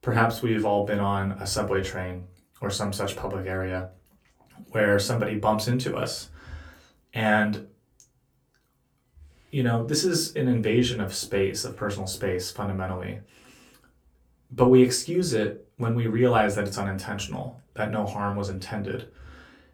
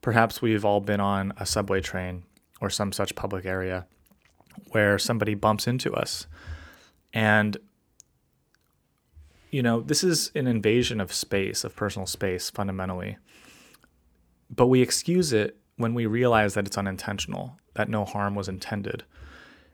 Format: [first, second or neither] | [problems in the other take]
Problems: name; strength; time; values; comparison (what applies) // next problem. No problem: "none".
second | off-mic speech; somewhat distant // room echo; very slight; dies away in 0.2 s